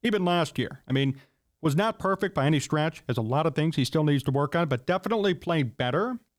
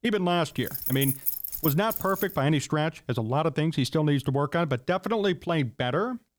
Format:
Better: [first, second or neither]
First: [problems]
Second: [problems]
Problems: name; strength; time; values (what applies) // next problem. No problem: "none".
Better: first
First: none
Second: jangling keys; loud; from 0.5 to 2.5 s; peak level with the speech